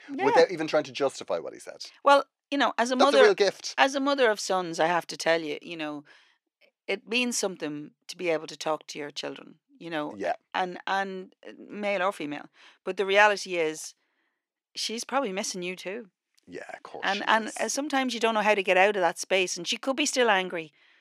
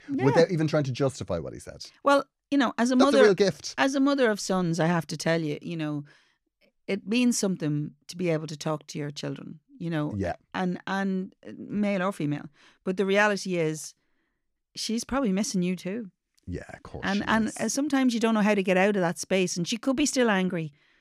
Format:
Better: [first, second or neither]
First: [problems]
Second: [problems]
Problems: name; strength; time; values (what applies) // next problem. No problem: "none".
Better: second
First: thin; somewhat; fading below 400 Hz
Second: none